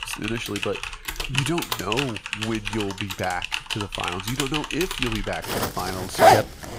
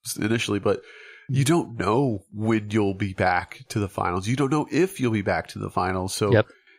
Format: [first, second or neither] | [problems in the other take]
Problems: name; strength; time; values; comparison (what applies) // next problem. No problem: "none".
second | household noises; very loud; throughout; 4 dB above the speech